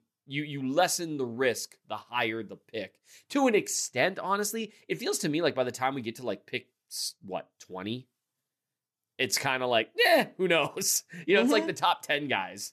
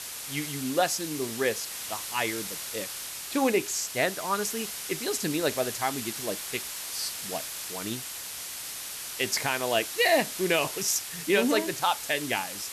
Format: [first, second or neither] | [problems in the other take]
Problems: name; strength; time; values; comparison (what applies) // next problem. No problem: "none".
first | hiss; loud; throughout; 6 dB below the speech